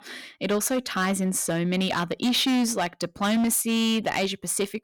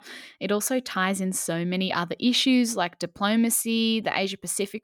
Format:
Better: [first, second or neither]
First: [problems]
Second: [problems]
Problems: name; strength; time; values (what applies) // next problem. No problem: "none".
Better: second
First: distortion; slight; 14% of the sound clipped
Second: none